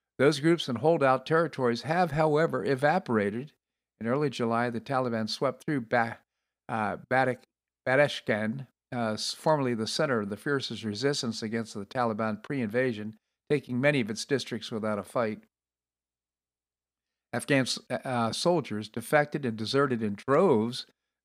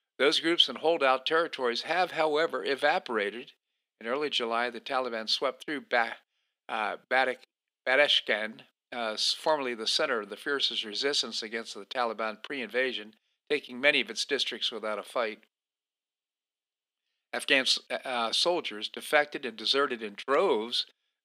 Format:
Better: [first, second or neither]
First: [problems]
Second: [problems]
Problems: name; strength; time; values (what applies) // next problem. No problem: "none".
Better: first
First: none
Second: thin; somewhat; fading below 300 Hz